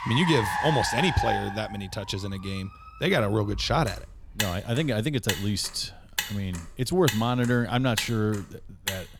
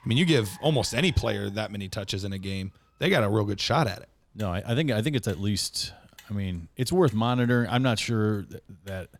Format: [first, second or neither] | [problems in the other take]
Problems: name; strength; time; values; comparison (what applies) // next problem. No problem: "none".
second | traffic noise; loud; throughout; 5 dB below the speech; faint in the second